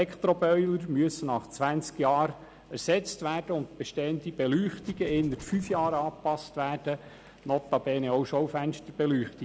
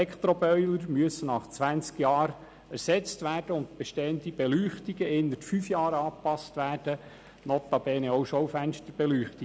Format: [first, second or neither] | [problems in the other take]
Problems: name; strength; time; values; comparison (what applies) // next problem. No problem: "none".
second | background sound (Scratching (performance technique)); 16 dB below the speech